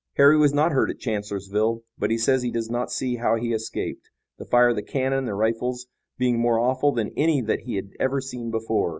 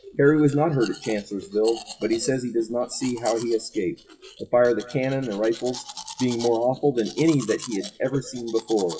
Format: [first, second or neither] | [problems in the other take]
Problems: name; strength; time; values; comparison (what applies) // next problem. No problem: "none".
first | noise reduction (classical method WPE with log-MMSE)